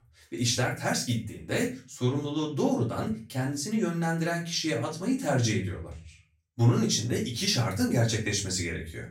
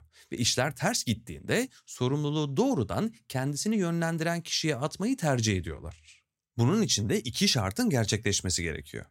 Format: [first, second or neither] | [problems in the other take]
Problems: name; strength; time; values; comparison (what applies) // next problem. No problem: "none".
second | off-mic speech; far // room echo; slight; dies away in 0.3 s